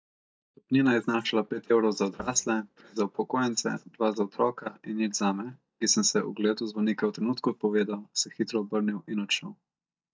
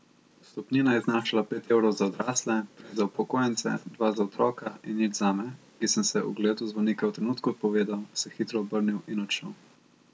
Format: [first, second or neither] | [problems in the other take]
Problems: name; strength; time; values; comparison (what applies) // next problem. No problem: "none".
second | noise reduction (neural mask model DeepFilterNet 3)